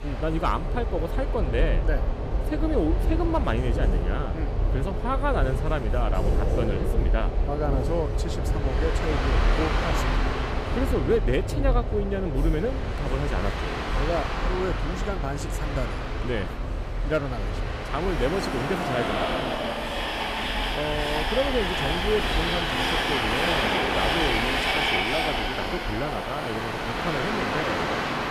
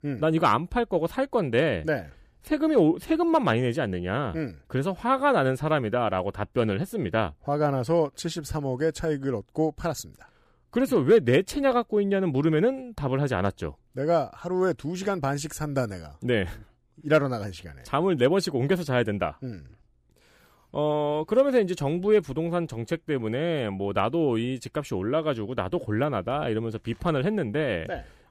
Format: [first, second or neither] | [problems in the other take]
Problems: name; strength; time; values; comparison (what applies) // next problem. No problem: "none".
second | train or aircraft noise; very loud; throughout; 3 dB above the speech